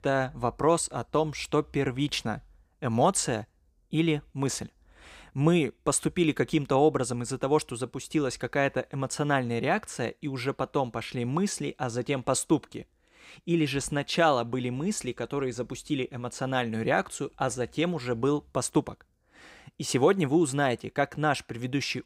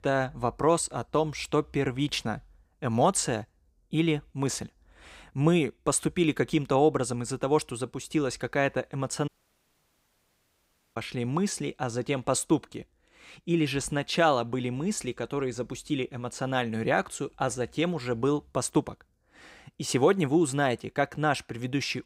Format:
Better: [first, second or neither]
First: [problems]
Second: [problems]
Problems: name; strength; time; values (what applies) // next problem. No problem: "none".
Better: first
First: none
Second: audio cutting out; at 9.5 s for 1.5 s